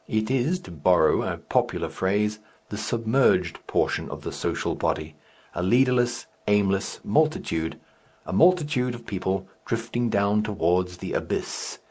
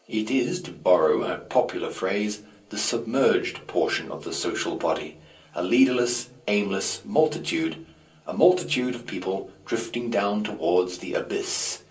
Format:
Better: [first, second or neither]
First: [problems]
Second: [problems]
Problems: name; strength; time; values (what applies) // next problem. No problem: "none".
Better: first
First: none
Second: room echo; dies away in 0.3 s